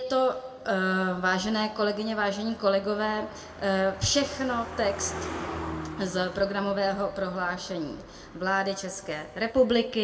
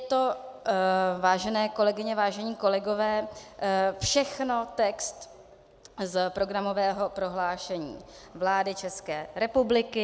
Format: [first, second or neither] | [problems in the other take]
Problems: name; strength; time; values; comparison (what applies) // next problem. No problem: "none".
second | background sound (Car passing by); 14 dB below the speech // room echo; dies away in 1.1 s